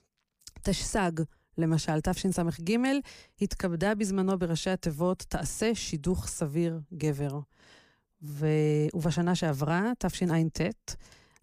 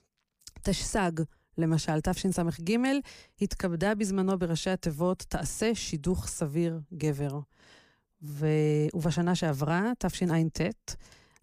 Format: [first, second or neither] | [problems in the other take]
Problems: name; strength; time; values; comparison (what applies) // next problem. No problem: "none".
neither | none